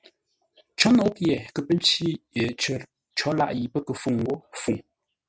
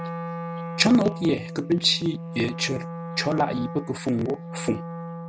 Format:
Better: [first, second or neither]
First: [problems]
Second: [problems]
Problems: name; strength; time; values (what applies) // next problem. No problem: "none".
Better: first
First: none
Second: background sound (Wind instrument, woodwind instrument); 8 dB below the speech